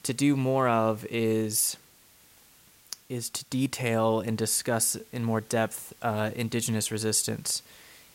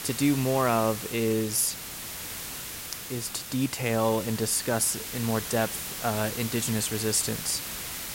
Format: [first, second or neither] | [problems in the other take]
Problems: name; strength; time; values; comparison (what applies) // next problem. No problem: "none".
first | hiss; loud; throughout; 7 dB below the speech; faint in the first